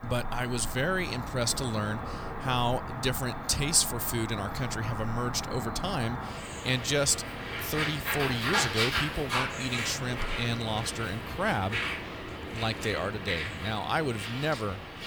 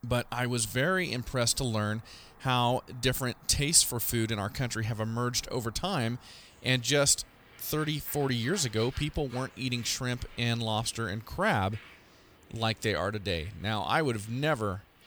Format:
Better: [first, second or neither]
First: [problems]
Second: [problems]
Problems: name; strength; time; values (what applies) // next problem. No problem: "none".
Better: second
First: animal sounds; loud; throughout; 4 dB below the speech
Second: animal sounds; faint; throughout; 25 dB below the speech